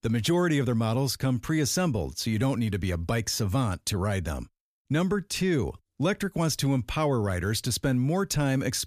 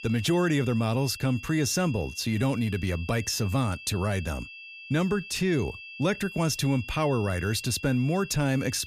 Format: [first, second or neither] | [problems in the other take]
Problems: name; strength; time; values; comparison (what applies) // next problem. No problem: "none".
first | high-pitched whine; noticeable; throughout; 2.5 kHz, 15 dB below the speech